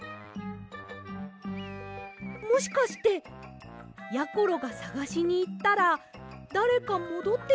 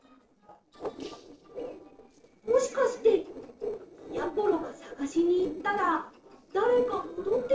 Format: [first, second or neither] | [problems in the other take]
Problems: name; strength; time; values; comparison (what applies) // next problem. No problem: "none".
first | noise reduction (neural separator model SepFormer DNS4)